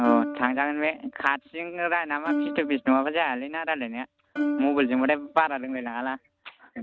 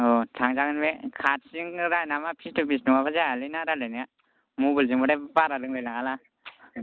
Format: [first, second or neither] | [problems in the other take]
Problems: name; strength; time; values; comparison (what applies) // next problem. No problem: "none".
second | noise reduction (neural mask model RNNoise)